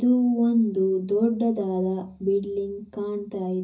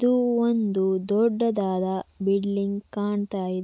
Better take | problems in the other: second | room echo; dies away in 0.4 s

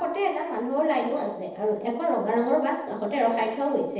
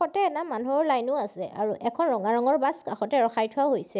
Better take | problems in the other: second | noise reduction (neural separator model SepFormer DNS4)

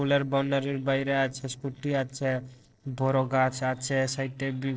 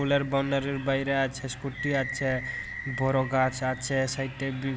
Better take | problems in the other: second | noise reduction (neural separator model SepFormer DNS4)

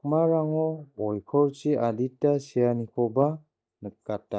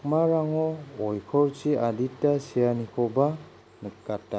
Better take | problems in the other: second | noise reduction (neural mask model DeepFilterNet 3)

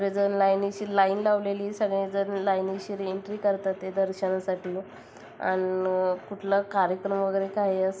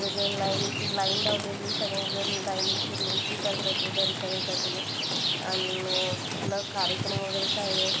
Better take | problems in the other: first | background sound (Rain); 4 dB above the speech

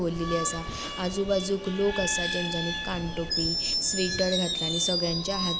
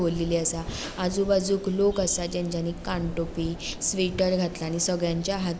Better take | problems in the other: second | background sound (Screech); 3 dB below the speech

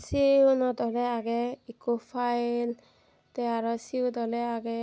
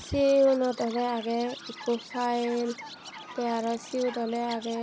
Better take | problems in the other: first | background sound (Chirp, tweet); 15 dB below the speech

